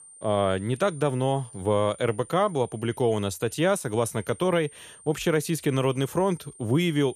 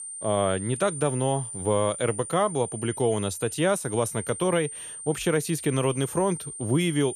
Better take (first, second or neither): first